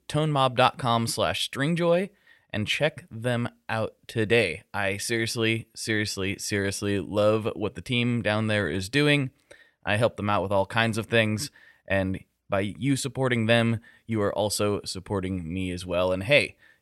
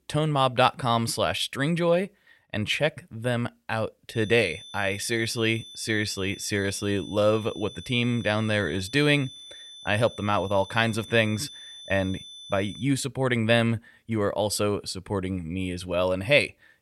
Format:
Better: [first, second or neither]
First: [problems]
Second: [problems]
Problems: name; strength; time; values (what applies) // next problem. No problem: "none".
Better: first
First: none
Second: high-pitched whine; noticeable; from 4 to 13 s; 3.5 kHz, 15 dB below the speech